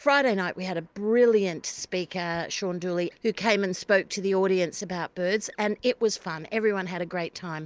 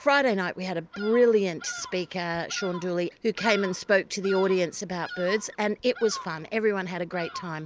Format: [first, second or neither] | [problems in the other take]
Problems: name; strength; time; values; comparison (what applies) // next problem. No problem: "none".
first | background sound (Bird vocalization, bird call, bird song); 16 dB below the speech